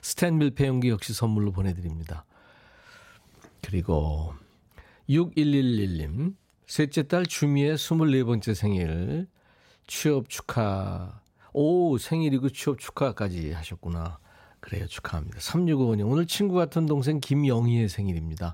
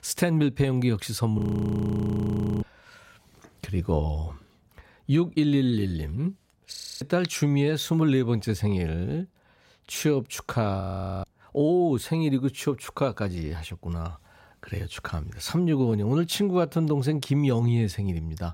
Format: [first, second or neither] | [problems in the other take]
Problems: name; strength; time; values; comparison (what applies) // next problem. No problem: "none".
first | audio freezing; at 1.5 s for 1 s, at 6.5 s and at 11 s